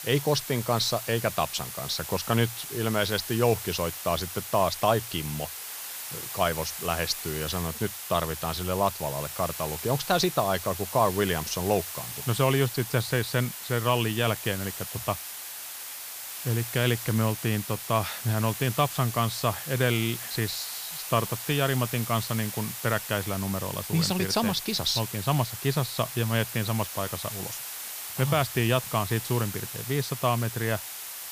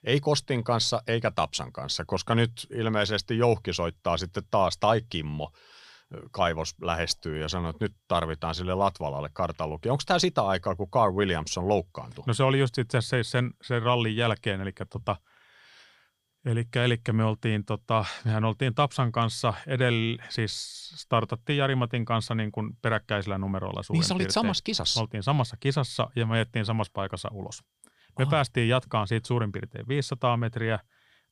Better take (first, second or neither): second